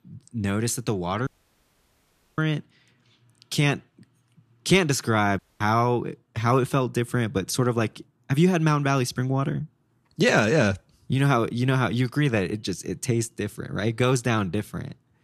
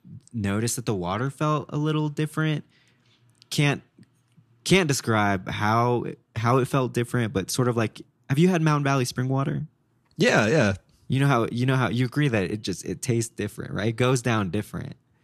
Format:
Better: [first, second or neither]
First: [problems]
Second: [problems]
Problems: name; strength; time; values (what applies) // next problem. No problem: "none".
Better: second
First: audio cutting out; at 1.5 s for 1 s and at 5.5 s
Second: none